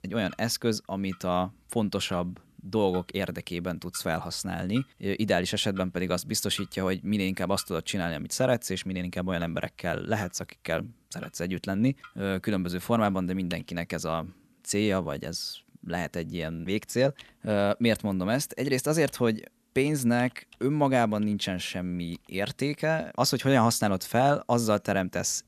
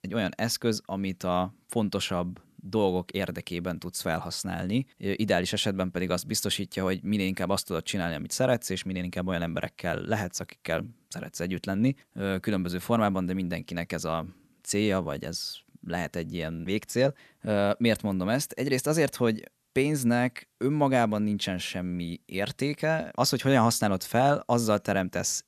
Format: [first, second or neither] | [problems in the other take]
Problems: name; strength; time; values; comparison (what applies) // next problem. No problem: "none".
second | household noises; faint; throughout; 25 dB below the speech